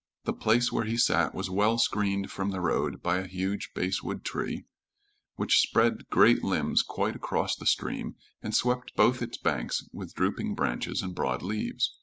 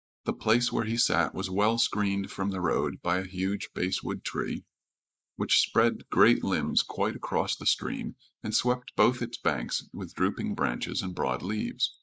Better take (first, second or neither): first